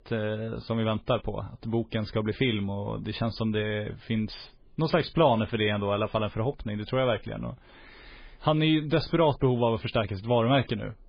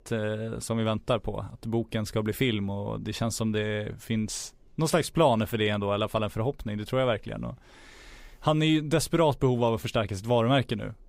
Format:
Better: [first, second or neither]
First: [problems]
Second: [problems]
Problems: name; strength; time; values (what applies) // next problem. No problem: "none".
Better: second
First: garbled, watery; badly; nothing above 5 kHz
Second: none